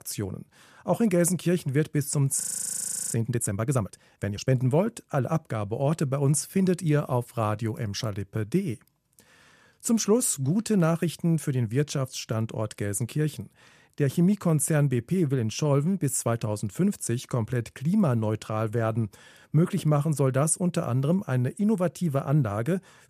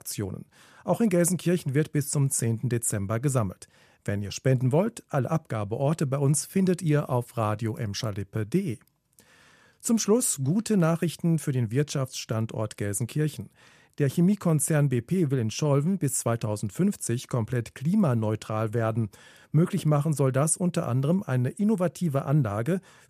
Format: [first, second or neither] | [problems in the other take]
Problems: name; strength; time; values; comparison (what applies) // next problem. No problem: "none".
second | audio freezing; at 2.5 s for 0.5 s